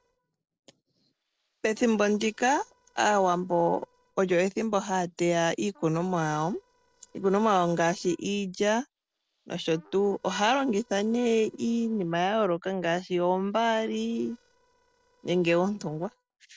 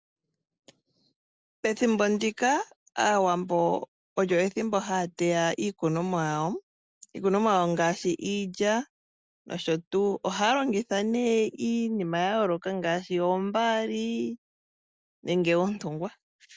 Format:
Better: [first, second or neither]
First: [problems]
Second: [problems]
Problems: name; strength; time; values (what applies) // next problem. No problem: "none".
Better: second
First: noise reduction (neural separator model SepFormer DNS4)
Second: none